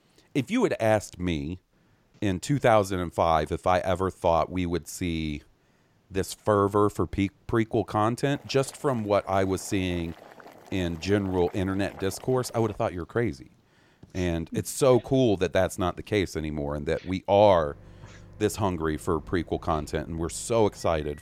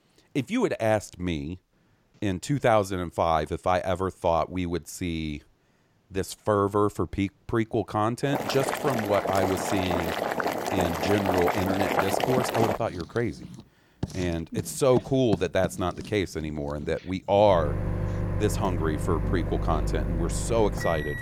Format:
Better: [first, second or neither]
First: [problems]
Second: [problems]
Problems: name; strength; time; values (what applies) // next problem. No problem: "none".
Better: first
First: household noises; faint; from 8.5 s on; 25 dB below the speech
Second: household noises; loud; from 8.5 s on; 2 dB below the speech